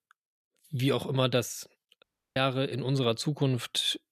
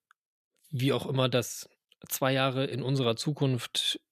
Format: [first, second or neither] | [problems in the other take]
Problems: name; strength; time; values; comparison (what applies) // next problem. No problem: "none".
second | audio cutting out; at 2 s